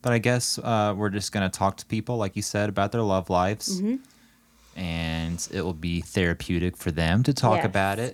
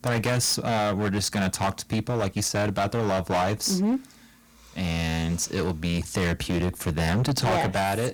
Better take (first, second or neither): first